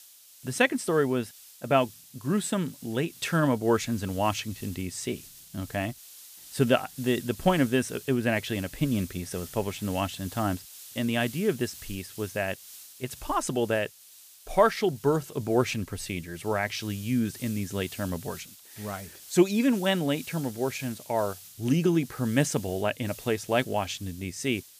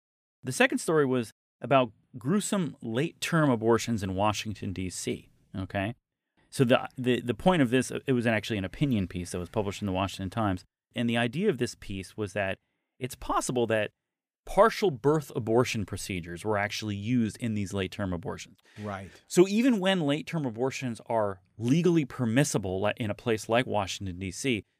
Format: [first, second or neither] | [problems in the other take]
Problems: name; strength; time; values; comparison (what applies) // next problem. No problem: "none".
second | hiss; noticeable; throughout; 15 dB below the speech